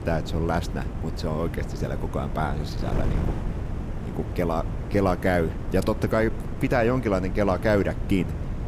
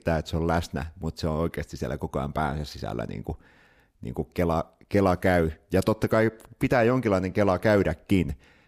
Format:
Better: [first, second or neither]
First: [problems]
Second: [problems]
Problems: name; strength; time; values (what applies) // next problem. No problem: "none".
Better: second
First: wind noise on the microphone; occasional gusts; 10 dB below the speech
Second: none